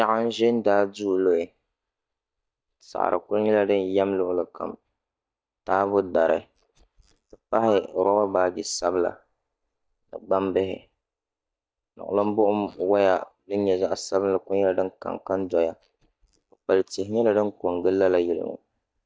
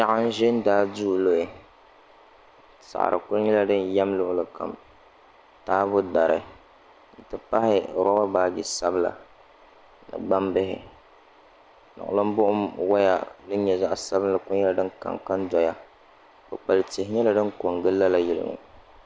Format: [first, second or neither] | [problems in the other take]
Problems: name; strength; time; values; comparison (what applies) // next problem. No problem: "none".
second | noise reduction (neural mask model DeepFilterNet 3)